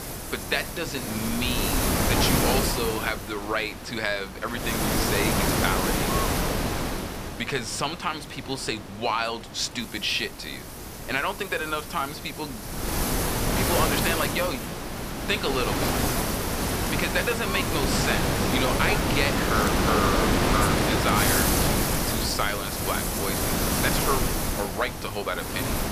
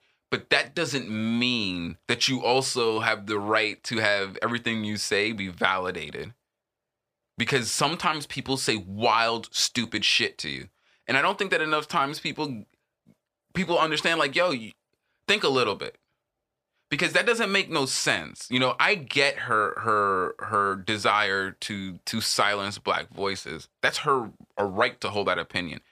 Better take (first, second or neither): second